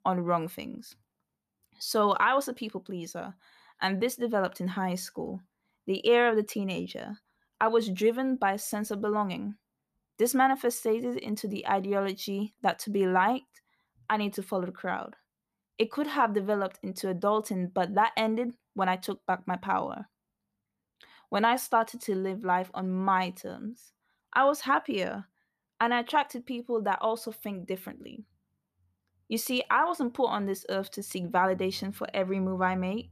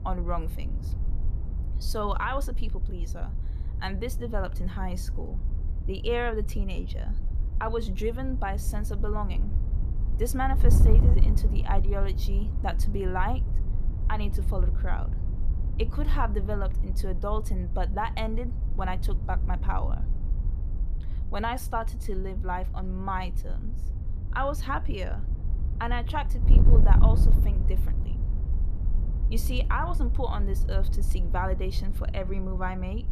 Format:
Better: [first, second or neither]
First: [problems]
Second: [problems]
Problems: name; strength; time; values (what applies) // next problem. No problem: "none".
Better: first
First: none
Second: wind noise on the microphone; occasional gusts; 15 dB below the speech